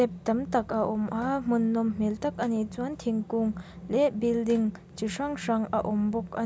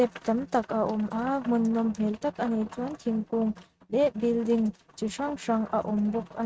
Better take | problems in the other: first | noise reduction (neural mask model RNNoise)

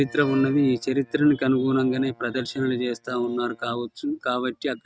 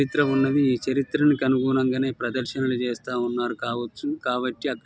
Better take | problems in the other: second | noise reduction (neural mask model RNNoise)

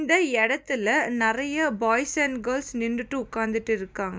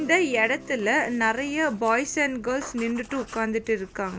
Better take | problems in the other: first | background sound (Writing + Guitar); 19 dB below the speech

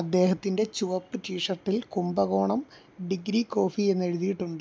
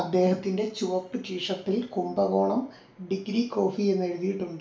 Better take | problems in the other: first | room echo; dies away in 0.4 s

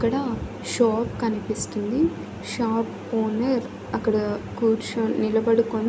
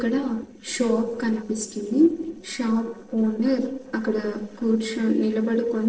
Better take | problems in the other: first | noise reduction (neural separator model SepFormer DNS4)

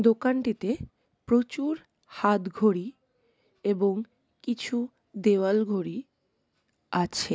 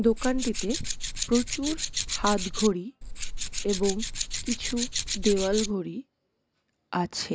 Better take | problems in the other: first | background sound (Tools); 2 dB below the speech

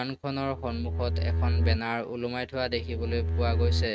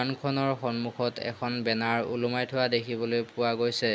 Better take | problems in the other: second | noise reduction (neural mask model RNNoise)

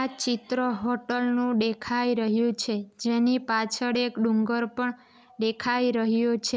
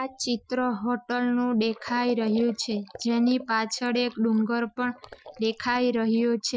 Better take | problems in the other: first | noise reduction (classical method Wiener filter)

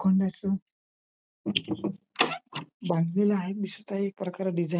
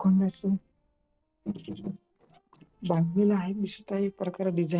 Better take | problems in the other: first | noise reduction (neural separator model SepFormer DNS4)

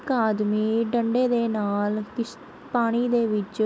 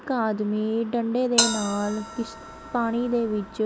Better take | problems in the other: first | background sound (Bell); 4 dB below the speech

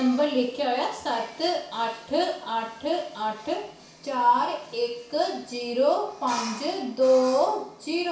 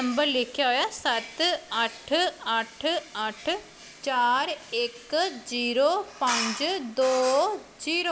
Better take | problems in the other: second | room echo; dies away in 0.6 s

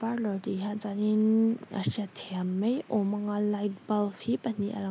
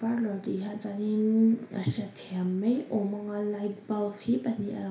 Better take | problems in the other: first | room echo; dies away in 0.5 s

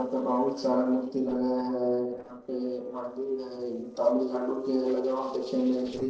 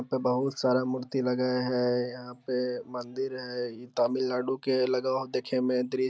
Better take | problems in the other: second | noise reduction (neural separator model SepFormer DNS4)

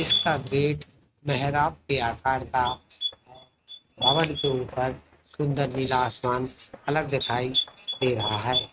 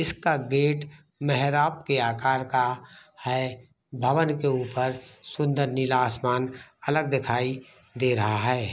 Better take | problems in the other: second | noise reduction (neural mask model RNNoise)

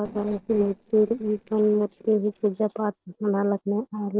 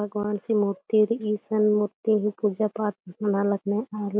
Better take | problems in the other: second | noise reduction (neural separator model SepFormer DNS4)

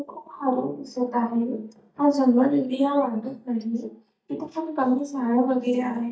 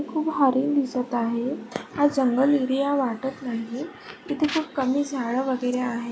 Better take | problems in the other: second | noise reduction (neural mask model DeepFilterNet 3)

